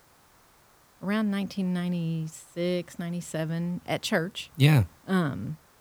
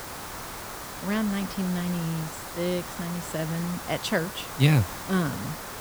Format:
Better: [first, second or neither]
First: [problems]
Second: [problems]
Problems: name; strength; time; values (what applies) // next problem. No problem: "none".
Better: first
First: hiss; faint; throughout; 30 dB below the speech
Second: hiss; loud; throughout; 8 dB below the speech